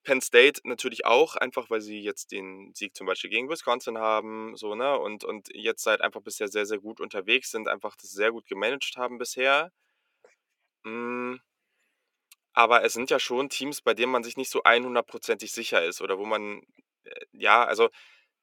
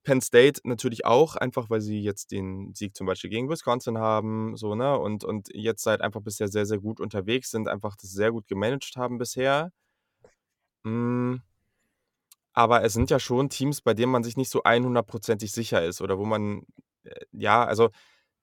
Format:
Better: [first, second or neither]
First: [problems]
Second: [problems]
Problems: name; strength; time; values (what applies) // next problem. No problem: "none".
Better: second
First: thin; somewhat; fading below 300 Hz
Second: none